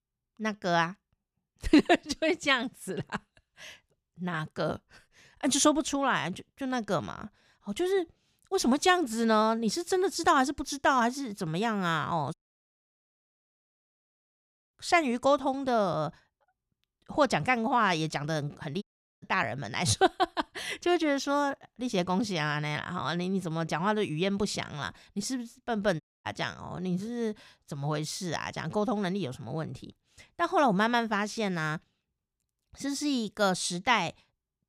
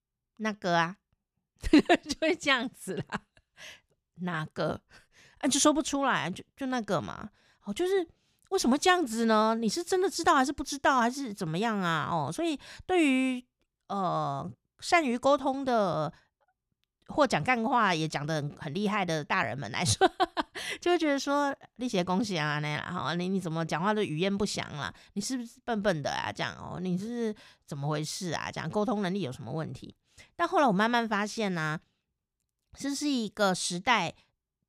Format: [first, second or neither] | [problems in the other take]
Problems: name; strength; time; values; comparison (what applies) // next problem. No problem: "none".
second | audio cutting out; at 12 s for 2.5 s, at 19 s and at 26 s